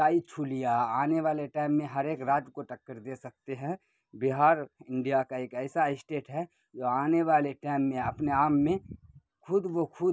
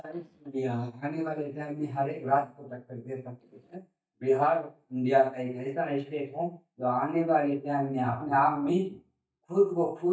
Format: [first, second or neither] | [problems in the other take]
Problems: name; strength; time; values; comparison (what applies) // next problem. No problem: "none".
first | noise reduction (neural mask model DeepFilterNet 3)